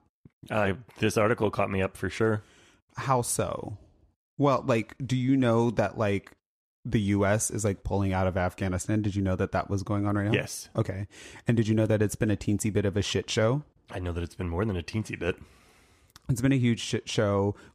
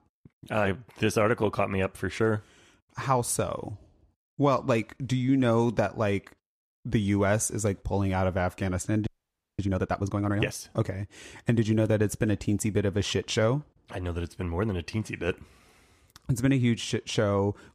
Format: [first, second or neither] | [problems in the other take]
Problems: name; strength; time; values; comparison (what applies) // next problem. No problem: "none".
first | audio freezing; at 9 s for 0.5 s